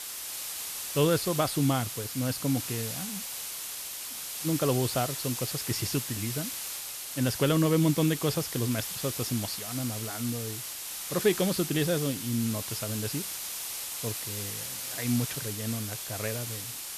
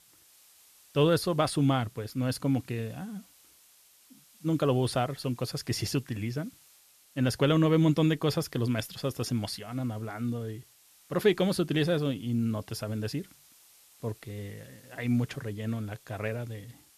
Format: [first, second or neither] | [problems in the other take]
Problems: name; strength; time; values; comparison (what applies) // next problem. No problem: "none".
second | hiss; loud; throughout; 4 dB below the speech; faint in the second